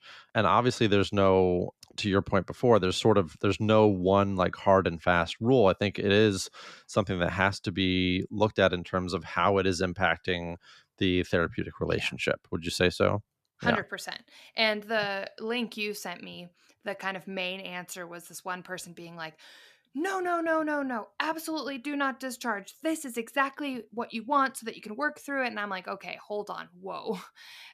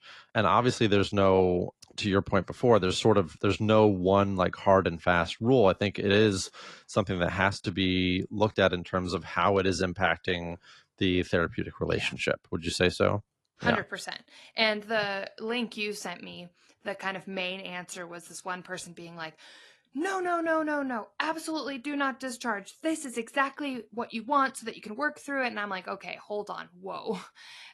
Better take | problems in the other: first | garbled, watery; slightly; nothing above 11.5 kHz

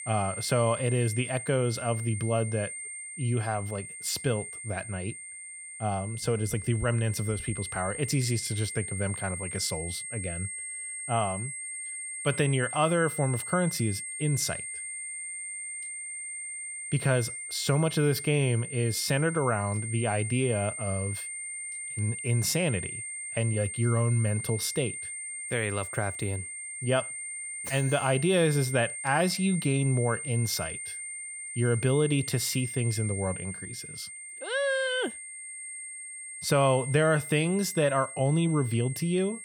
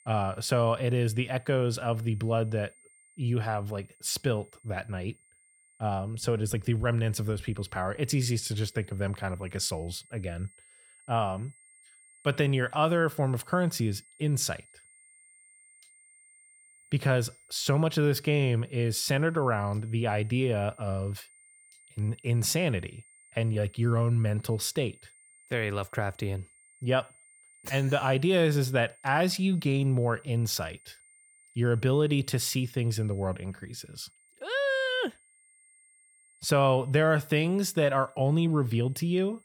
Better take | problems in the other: second | high-pitched whine; loud; throughout; 8.5 kHz, 7 dB below the speech; faint in the second

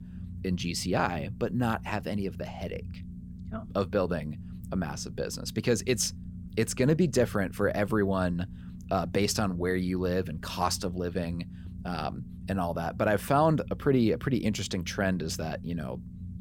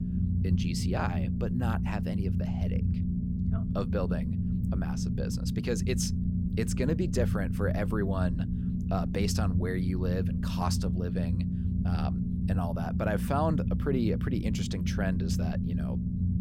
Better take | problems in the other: first | low rumble; loud; throughout; 5 dB below the speech; faint in the first

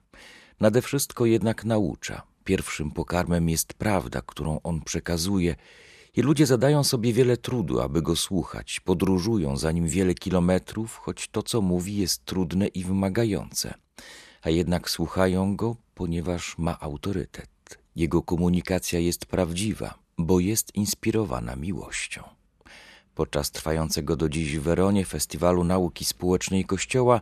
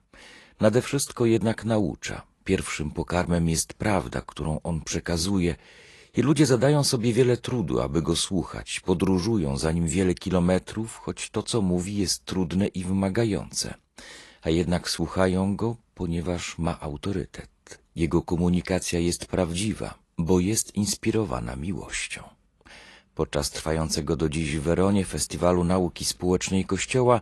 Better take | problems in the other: first | garbled, watery; slightly; nothing above 11.5 kHz

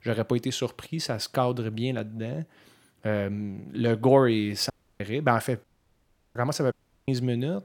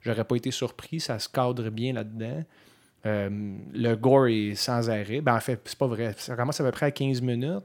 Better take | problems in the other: second | audio cutting out; at 4.5 s, at 5.5 s for 0.5 s and at 6.5 s

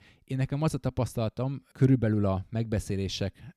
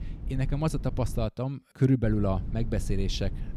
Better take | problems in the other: first | low rumble; noticeable; until 1.5 s and from 2 s on; 15 dB below the speech

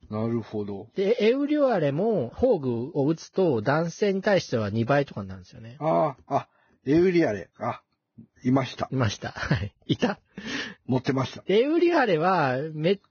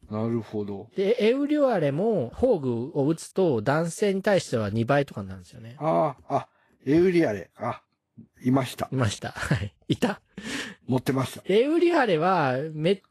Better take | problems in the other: second | garbled, watery; badly; nothing above 6.5 kHz; slightly in the second

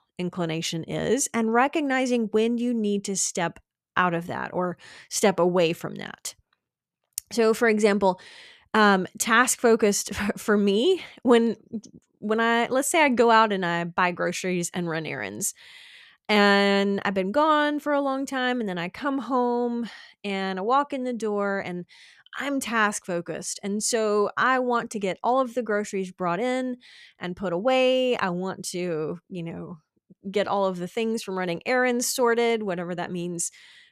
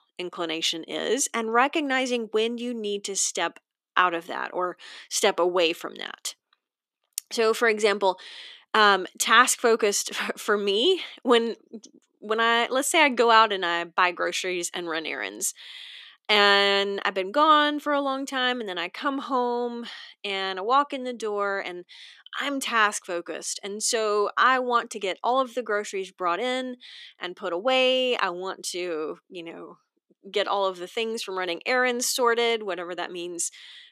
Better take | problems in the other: first | thin; somewhat; fading below 300 Hz

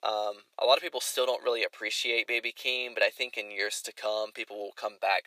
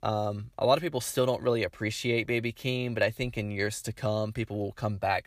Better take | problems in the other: second | thin; very; fading below 450 Hz

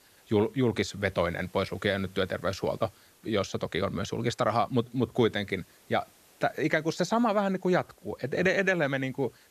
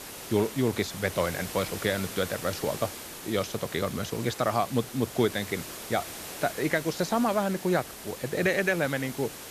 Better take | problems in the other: first | hiss; loud; throughout; 10 dB below the speech; faint in the first

